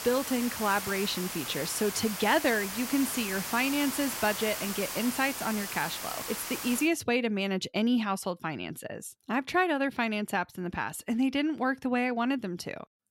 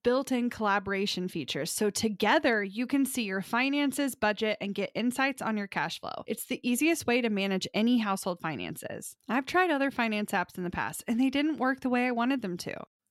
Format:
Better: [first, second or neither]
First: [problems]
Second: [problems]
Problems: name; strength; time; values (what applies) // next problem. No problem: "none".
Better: second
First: hiss; loud; until 7 s; 5 dB below the speech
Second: none